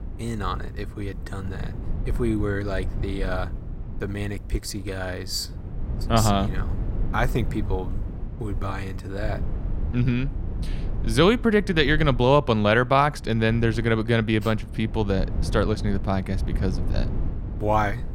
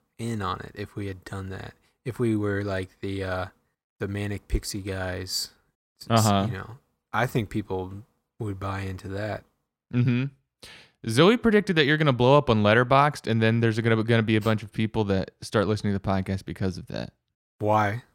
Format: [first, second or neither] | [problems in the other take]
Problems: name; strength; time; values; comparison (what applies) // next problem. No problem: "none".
second | low rumble; noticeable; throughout; 20 dB below the speech